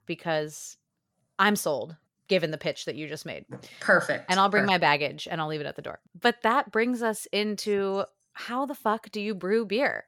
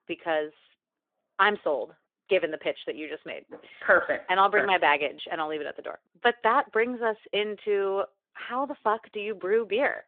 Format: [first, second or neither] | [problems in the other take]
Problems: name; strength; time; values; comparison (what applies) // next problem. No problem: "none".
first | phone-call audio